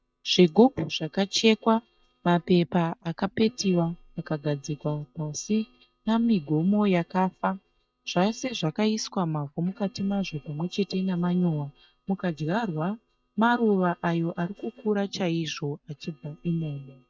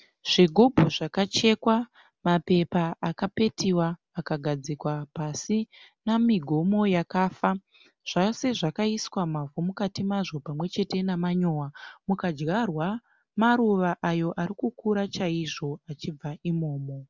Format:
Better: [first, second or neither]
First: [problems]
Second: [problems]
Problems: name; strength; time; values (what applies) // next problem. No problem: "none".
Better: second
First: noise reduction (neural mask model DeepFilterNet 3)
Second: none